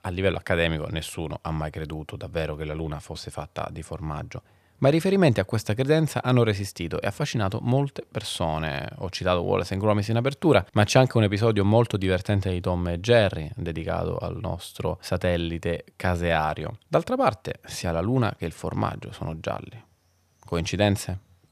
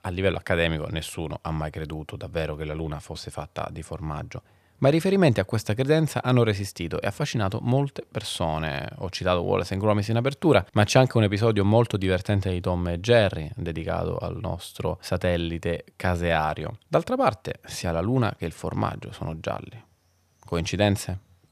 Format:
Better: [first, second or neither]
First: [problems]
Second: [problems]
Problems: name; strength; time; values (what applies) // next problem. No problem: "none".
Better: neither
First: none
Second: none